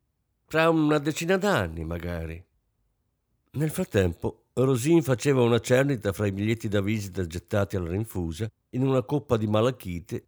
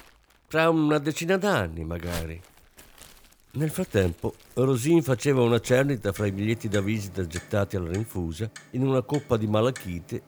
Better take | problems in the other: first | household noises; noticeable; throughout; 20 dB below the speech

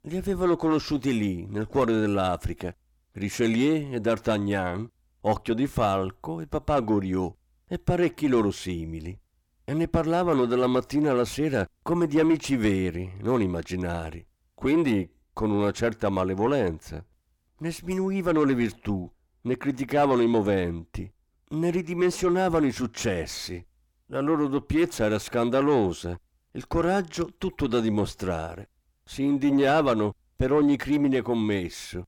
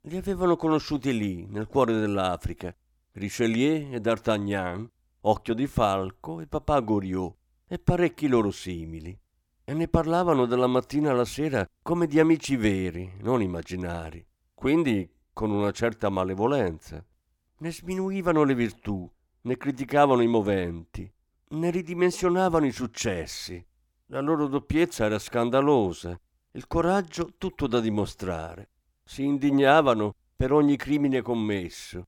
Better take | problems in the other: second | distortion; slight; 10 dB below the speech

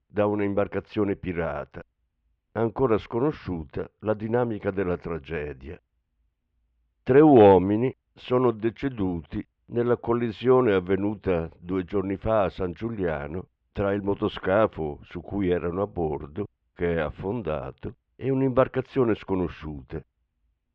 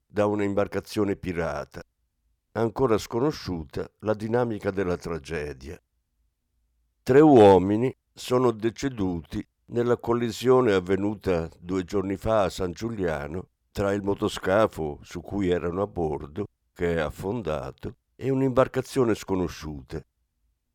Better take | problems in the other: second | muffled; very; fading above 3 kHz

